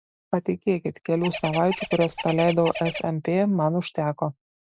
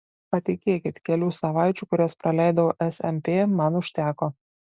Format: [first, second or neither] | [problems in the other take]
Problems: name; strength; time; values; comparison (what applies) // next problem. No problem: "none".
second | background sound (Bird); 9 dB below the speech